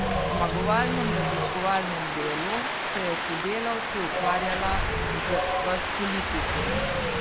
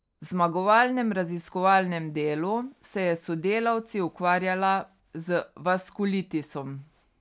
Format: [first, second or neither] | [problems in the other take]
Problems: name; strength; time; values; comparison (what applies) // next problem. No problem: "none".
second | background sound (Wind); 4 dB above the speech